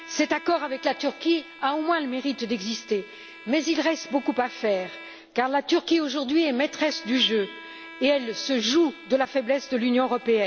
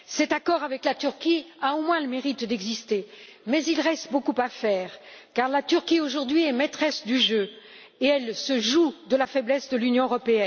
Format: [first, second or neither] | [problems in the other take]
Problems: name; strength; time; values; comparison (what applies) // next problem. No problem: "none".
second | background sound (Bowed string instrument); 19 dB below the speech